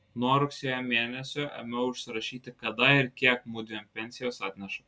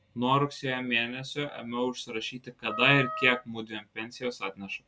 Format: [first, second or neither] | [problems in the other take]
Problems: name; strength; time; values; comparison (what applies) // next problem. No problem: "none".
first | background sound (Wind instrument, woodwind instrument); 9 dB below the speech